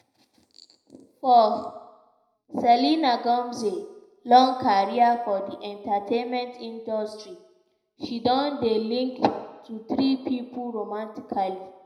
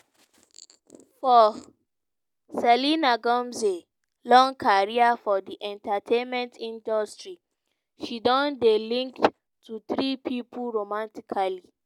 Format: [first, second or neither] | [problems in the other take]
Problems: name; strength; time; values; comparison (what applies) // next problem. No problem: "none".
second | room echo; dies away in 0.7 s